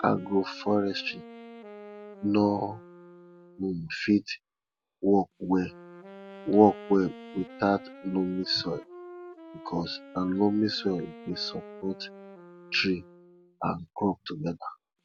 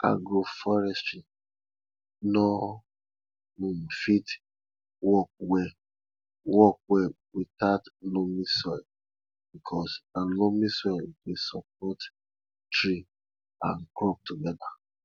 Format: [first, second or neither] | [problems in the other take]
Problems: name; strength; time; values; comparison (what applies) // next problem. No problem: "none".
second | background sound (Wind instrument, woodwind instrument); 18 dB below the speech